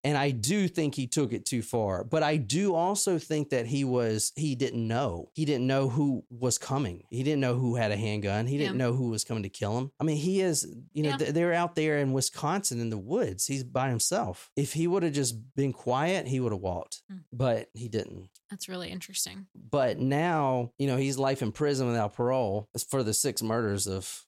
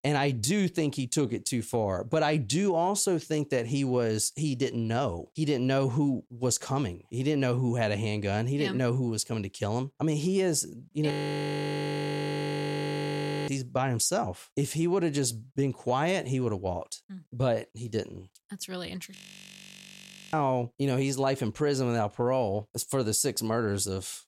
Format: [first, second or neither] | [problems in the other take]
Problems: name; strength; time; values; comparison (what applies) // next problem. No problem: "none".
first | audio freezing; at 11 s for 2.5 s and at 19 s for 1 s